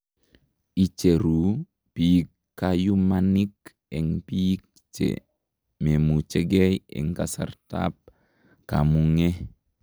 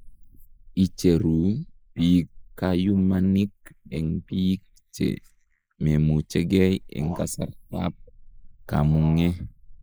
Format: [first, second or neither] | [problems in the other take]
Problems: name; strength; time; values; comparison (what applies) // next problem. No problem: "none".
first | noise reduction (neural mask model Resemble Enhance denoiser)